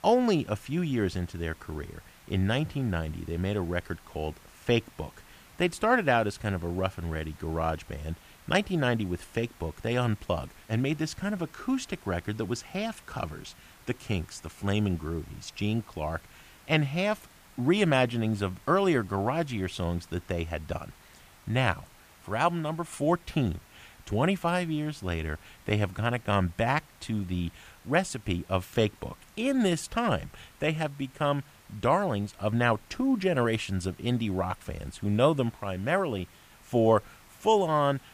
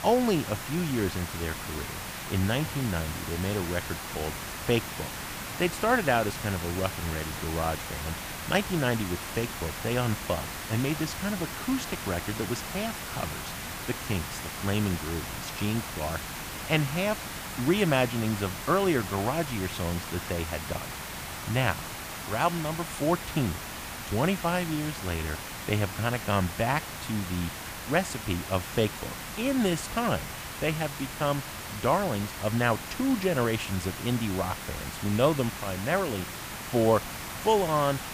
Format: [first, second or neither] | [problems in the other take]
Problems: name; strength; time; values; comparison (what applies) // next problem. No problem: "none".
first | hiss; loud; throughout; 6 dB below the speech; faint in the first